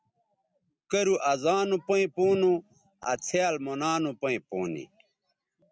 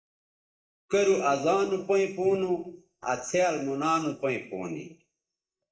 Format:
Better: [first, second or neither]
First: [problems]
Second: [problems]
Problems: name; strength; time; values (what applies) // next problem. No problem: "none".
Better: first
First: none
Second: noise reduction (neural mask model DeepFilterNet 3)